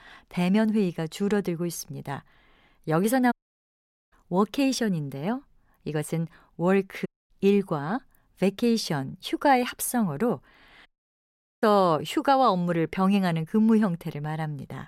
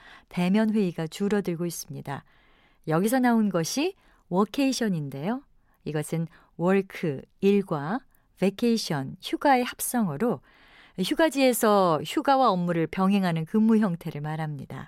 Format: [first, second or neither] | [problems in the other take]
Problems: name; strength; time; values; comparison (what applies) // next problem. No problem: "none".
second | audio cutting out; at 3.5 s for 1 s, at 7 s and at 11 s for 1 s